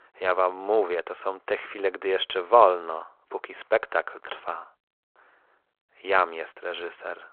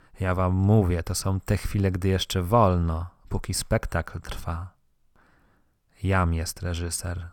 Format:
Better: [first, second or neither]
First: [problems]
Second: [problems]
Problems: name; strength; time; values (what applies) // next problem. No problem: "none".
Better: second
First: phone-call audio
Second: none